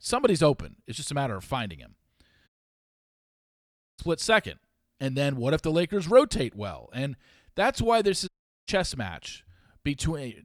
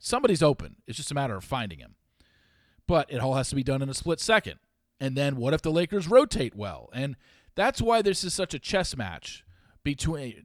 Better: second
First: audio cutting out; at 2.5 s for 1.5 s and at 8.5 s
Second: none

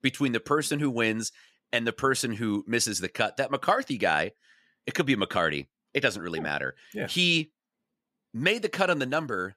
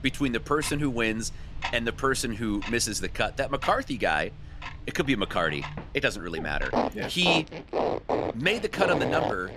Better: first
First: none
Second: household noises; loud; throughout; 6 dB below the speech

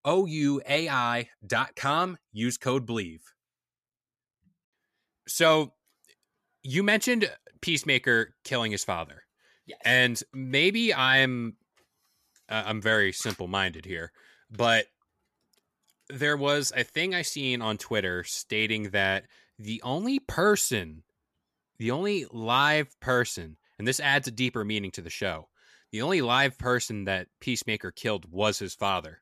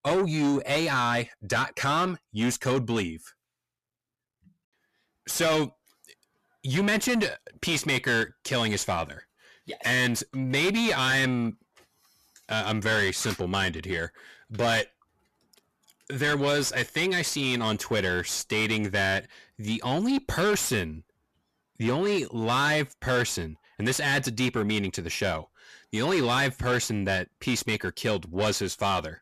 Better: first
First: none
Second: distortion; heavy; 6 dB below the speech

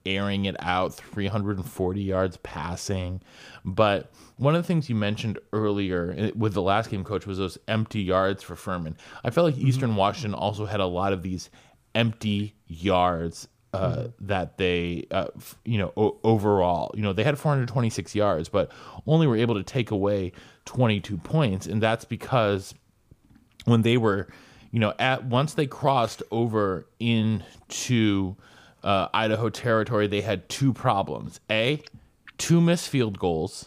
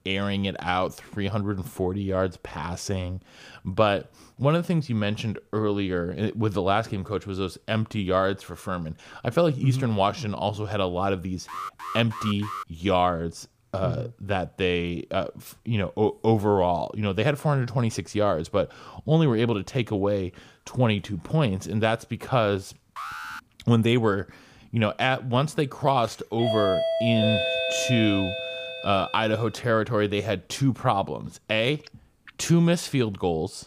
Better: first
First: none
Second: alarm; noticeable; from 11 to 13 s and at 23 s; peak 8 dB below the speech // doorbell; loud; from 26 to 29 s; peak 2 dB above the speech

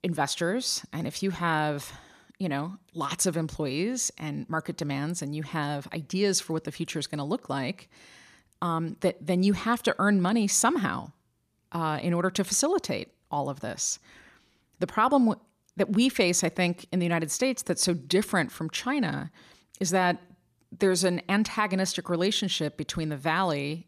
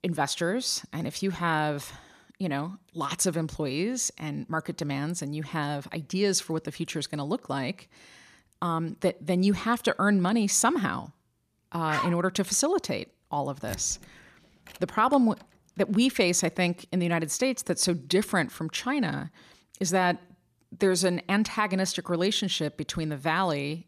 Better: first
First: none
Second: dog barking; noticeable; at 12 s; peak 4 dB below the speech // door banging; faint; from 14 to 15 s; peak 15 dB below the speech

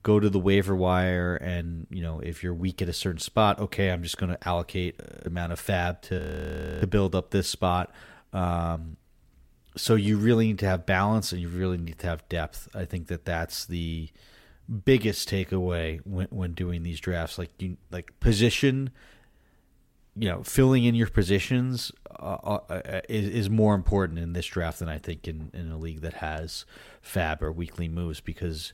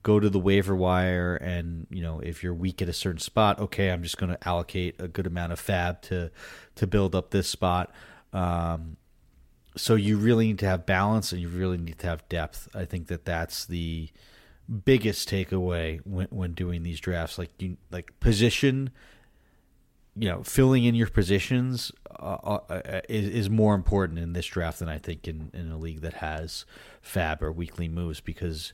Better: second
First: audio freezing; at 5 s and at 6 s for 0.5 s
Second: none

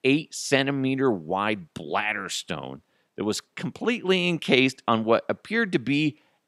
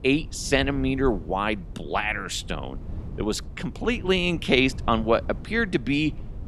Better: first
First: none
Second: wind noise on the microphone; occasional gusts; 25 dB below the speech

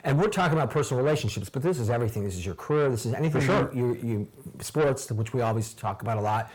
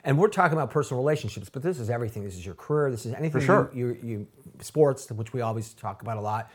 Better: second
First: distortion; heavy; 6 dB below the speech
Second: none

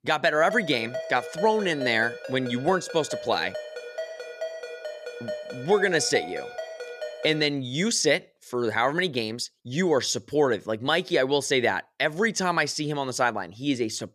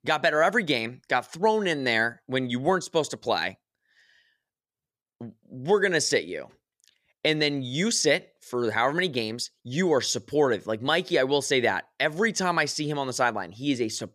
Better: second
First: phone ringing; noticeable; until 7.5 s; peak 9 dB below the speech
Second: none

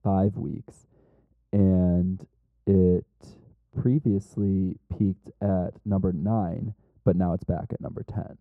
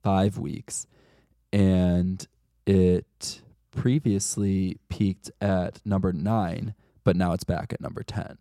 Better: second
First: muffled; very; fading above 1.5 kHz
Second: none

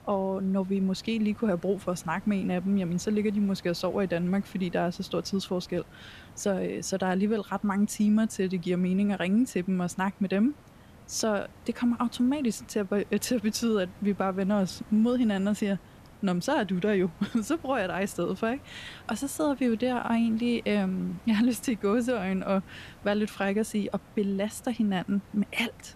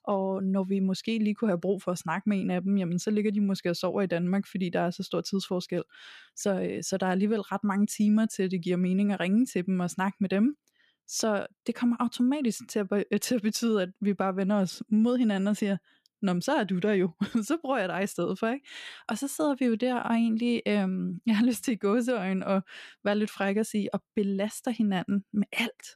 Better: second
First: hiss; faint; throughout; 25 dB below the speech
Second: none

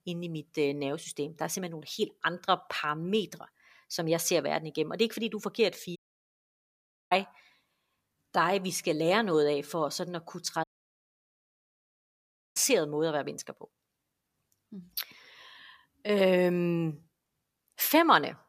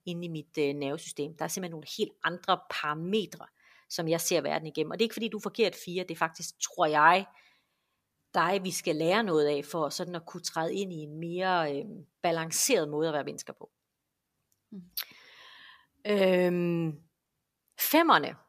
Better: second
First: audio cutting out; at 6 s for 1 s and at 11 s for 2 s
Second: none

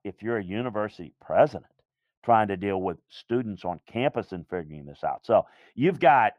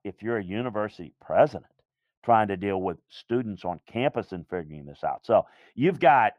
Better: neither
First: muffled; very; fading above 3 kHz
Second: muffled; very; fading above 3 kHz

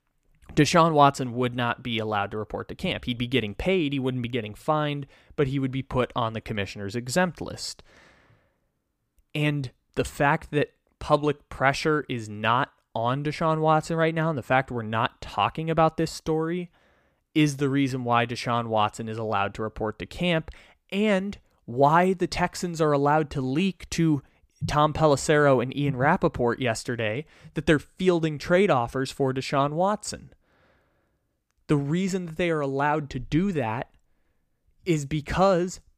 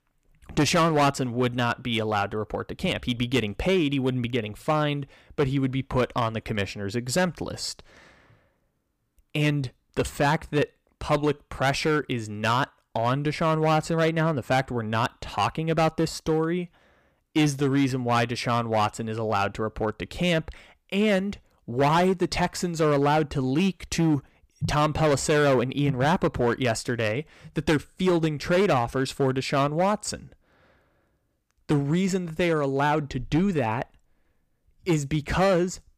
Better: first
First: none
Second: distortion; slight; 6% of the sound clipped

